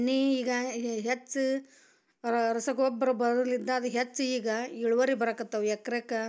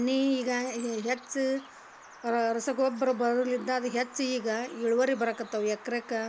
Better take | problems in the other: first | background sound (Bird vocalization, bird call, bird song); 20 dB below the speech

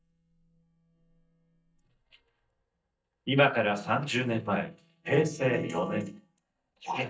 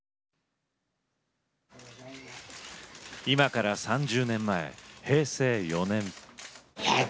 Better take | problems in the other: second | noise reduction (neural mask model DeepFilterNet 3)

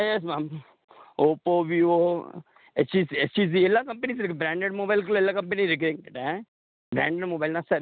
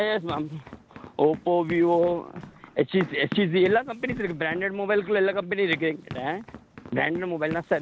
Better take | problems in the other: first | background sound (Run); 16 dB below the speech

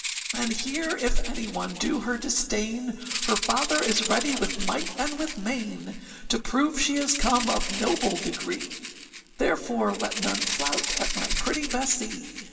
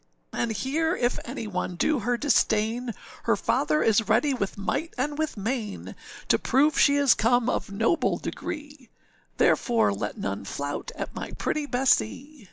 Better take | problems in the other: second | background sound (Rattle (instrument)); 6 dB below the speech // room echo; dies away in 2 s

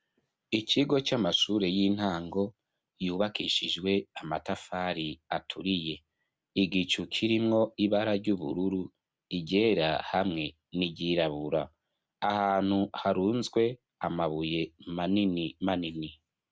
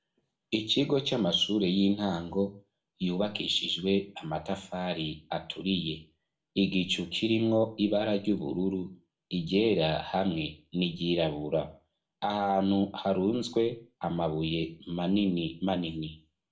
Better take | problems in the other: first | room echo; dies away in 0.4 s

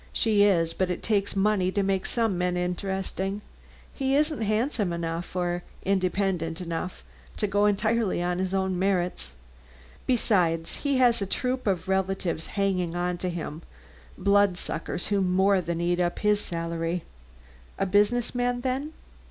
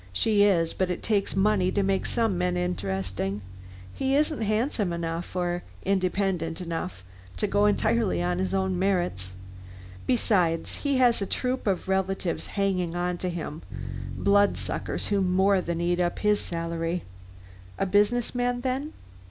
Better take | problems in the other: first | background sound (Bass guitar); 12 dB below the speech

